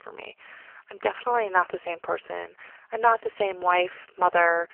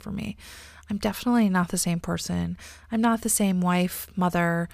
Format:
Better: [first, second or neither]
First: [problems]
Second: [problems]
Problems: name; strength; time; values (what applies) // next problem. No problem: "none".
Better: second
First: phone-call audio; poor line; nothing above 3 kHz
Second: none